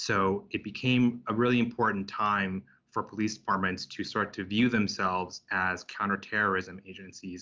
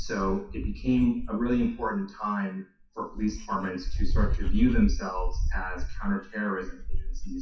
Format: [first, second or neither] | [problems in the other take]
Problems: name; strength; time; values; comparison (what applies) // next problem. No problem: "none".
first | noise reduction (classical method WPE with log-MMSE)